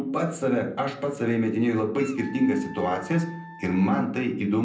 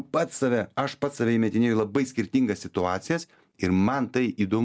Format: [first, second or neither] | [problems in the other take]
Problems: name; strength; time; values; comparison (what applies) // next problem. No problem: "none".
second | background sound (Wind instrument, woodwind instrument); 18 dB below the speech // room echo; dies away in 0.6 s